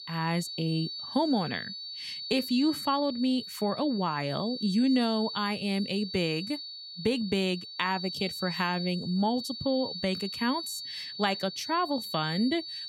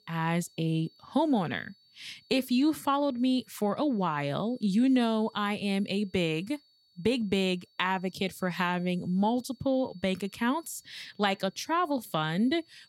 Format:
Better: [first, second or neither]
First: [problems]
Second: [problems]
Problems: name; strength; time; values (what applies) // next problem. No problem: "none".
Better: second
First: high-pitched whine; loud; throughout; 4.5 kHz, 7 dB below the speech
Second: high-pitched whine; faint; throughout; 4.5 kHz, 30 dB below the speech